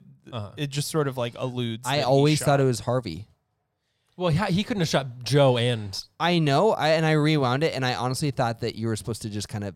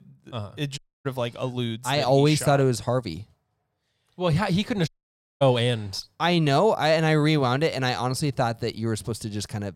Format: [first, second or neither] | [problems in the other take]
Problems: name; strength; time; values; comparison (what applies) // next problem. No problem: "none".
first | audio cutting out; at 1 s and at 5 s for 0.5 s